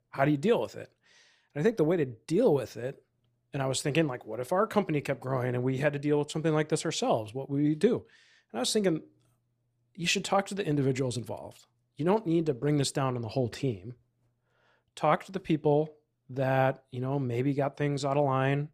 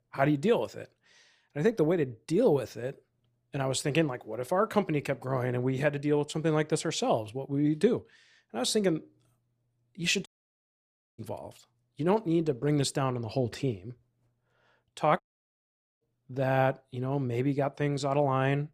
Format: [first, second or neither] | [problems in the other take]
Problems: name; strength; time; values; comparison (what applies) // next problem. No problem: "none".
first | audio cutting out; at 10 s for 1 s and at 15 s for 1 s